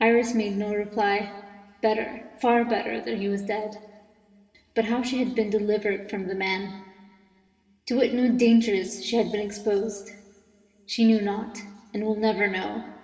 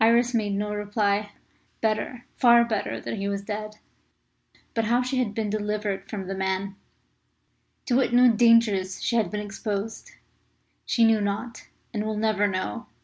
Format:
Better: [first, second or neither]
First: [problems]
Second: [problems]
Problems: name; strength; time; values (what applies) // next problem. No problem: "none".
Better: second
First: room echo; dies away in 1.6 s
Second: none